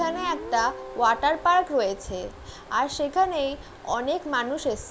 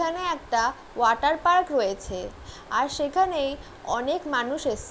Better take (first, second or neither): second